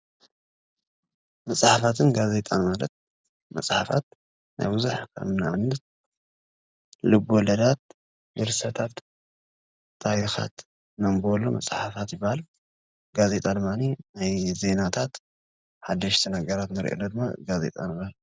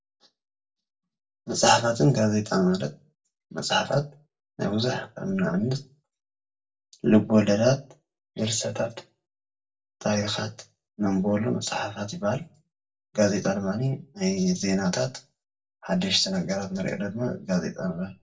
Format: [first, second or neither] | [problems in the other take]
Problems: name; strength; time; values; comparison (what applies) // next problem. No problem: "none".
first | room echo; dies away in 0.2 s